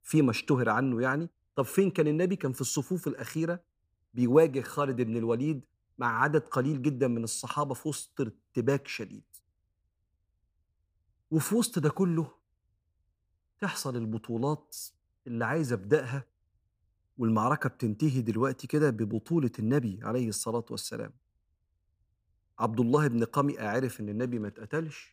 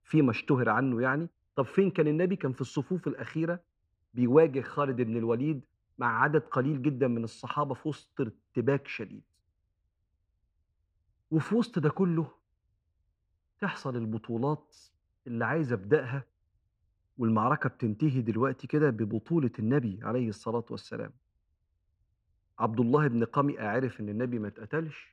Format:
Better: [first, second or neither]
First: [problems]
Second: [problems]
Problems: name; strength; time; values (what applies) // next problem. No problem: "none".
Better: first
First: none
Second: muffled; slightly; fading above 2.5 kHz